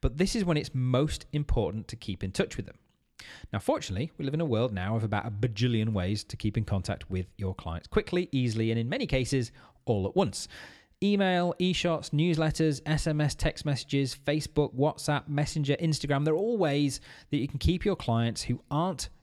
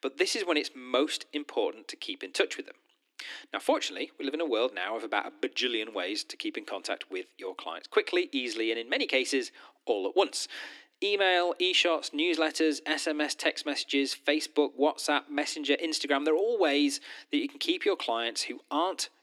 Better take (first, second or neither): first